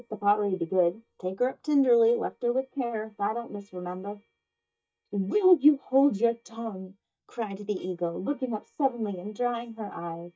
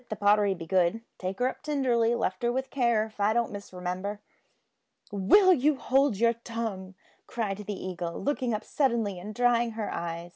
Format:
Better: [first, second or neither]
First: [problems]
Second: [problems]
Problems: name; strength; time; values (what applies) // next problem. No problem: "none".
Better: second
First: noise reduction (neural mask model DeepFilterNet 3)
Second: none